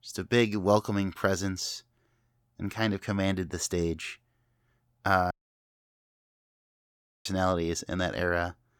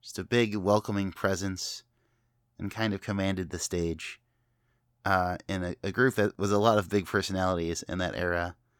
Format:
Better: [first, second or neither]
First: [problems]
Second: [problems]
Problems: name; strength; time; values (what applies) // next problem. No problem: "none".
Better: second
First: audio cutting out; at 5.5 s for 2 s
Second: none